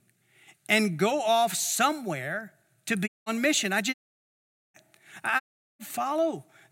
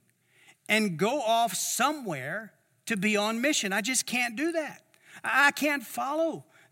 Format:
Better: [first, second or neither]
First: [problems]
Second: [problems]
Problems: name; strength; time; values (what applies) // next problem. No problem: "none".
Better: second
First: audio cutting out; at 3 s, at 4 s for 1 s and at 5.5 s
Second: none